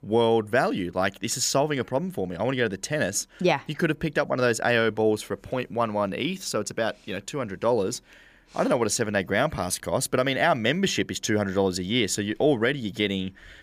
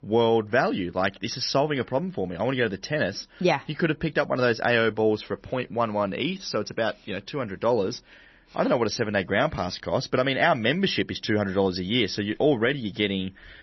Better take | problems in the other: first | garbled, watery; slightly; nothing above 6 kHz

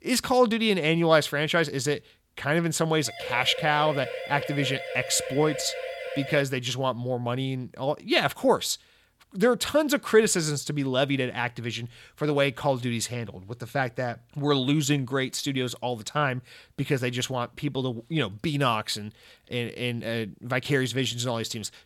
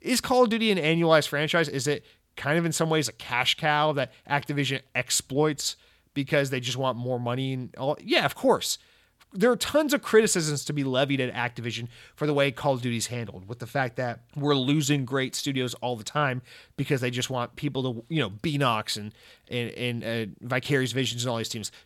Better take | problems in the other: second | siren; noticeable; from 3 to 6.5 s; peak 8 dB below the speech

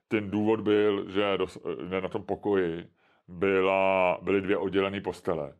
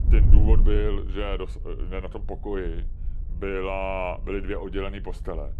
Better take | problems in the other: first | wind noise on the microphone; occasional gusts; 15 dB below the speech

